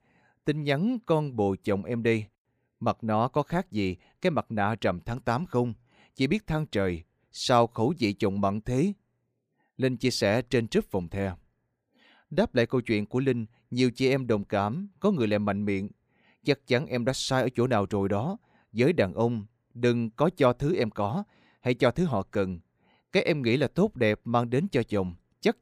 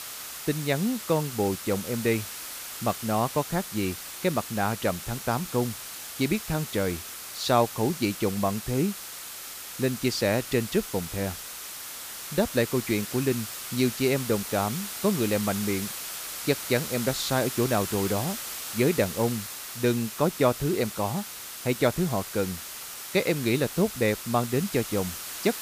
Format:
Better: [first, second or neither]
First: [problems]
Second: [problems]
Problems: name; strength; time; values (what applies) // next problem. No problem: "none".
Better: first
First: none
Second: hiss; loud; throughout; 7 dB below the speech